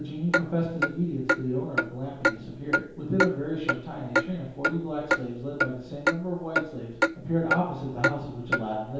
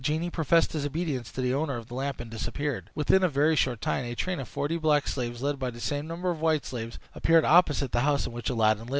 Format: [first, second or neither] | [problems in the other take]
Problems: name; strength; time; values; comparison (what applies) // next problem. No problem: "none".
second | background sound (Clock); 1 dB above the speech // room echo; dies away in 0.8 s